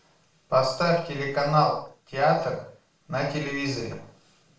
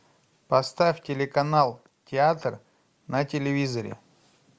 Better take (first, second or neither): second